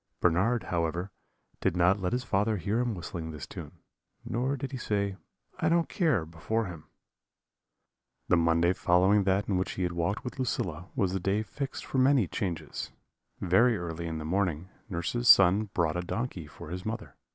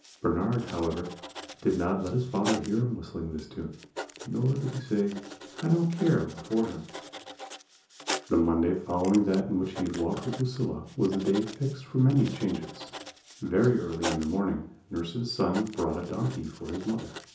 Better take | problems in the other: first | background sound (Writing); 13 dB below the speech // room echo; dies away in 0.6 s

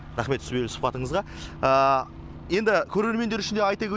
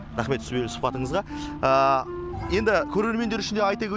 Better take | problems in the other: first | background sound (Wind instrument, woodwind instrument + Bowed string instrument); 11 dB below the speech

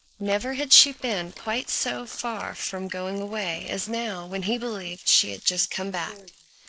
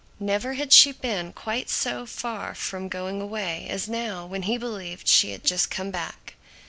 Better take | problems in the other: second | noise reduction (neural mask model Resemble Enhance denoiser)

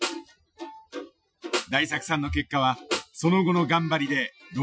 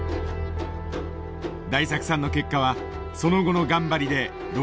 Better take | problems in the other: second | noise reduction (classical method Wiener filter)

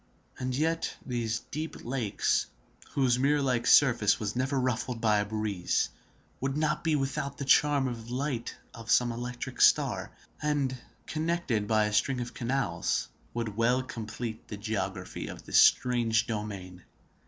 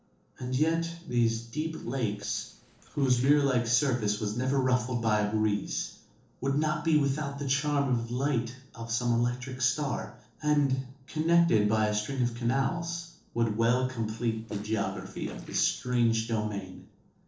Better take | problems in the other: first | noise reduction (neural separator model SepFormer DNS4)

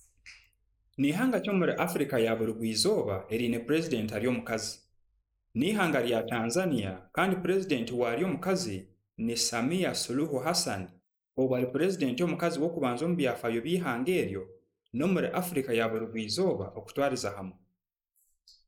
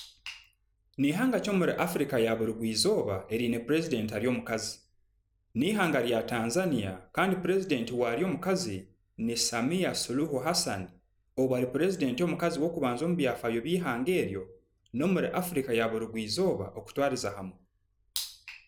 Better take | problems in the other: second | noise reduction (neural mask model Resemble Enhance denoiser)

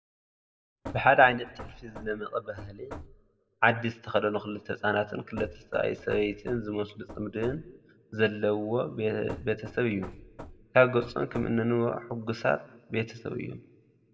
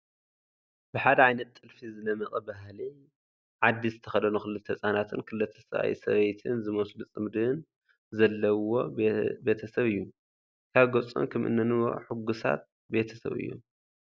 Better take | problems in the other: second | background sound (Knock / Wood); 16 dB below the speech // room echo; dies away in 0.8 s

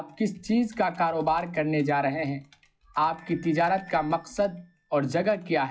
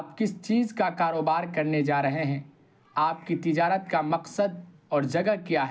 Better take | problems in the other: second | noise reduction (classical method log-MMSE)

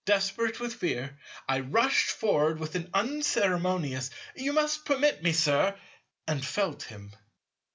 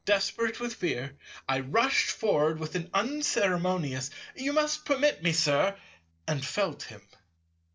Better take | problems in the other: first | noise reduction (neural separator model SepFormer DNS4)

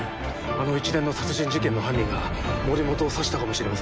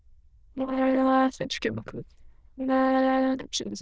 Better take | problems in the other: first | noise reduction (neural diffusion model UNIVERSE++)

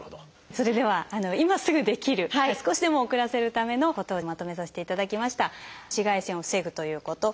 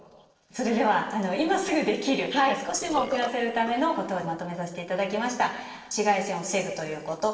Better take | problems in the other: first | noise reduction (neural separator model SepFormer DNS4)

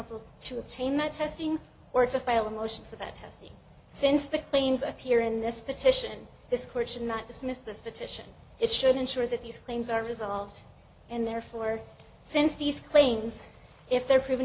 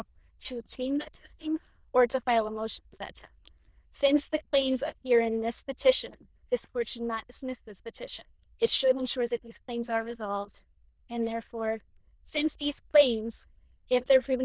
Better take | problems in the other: first | noise reduction (neural diffusion model UNIVERSE++)

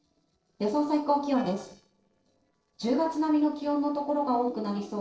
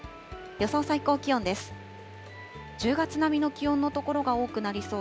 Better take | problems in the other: second | noise reduction (neural separator model SepFormer DNS4)

